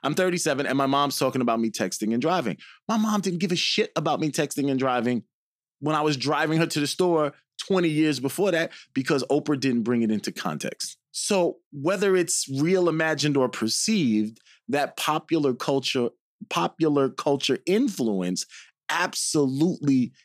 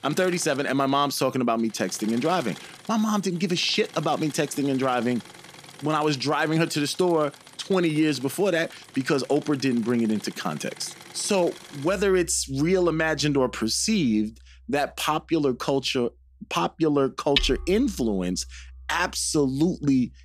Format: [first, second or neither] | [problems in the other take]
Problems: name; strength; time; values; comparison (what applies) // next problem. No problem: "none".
first | machinery noise; noticeable; throughout; 15 dB below the speech